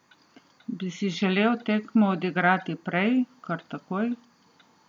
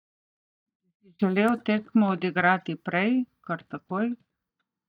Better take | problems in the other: first | noise reduction (neural mask model DeepFilterNet 3)

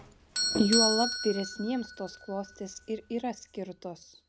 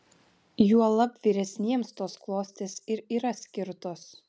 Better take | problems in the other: second | background sound (Doorbell); 2 dB below the speech

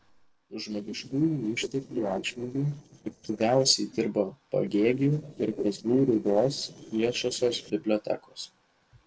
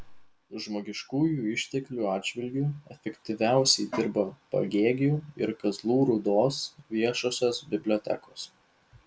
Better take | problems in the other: second | noise reduction (neural separator model SepFormer DNS4)

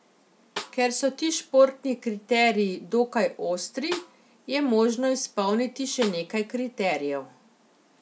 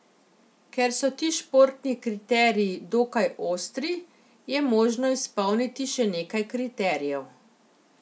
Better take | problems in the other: second | background sound (Snare drum); 16 dB below the speech

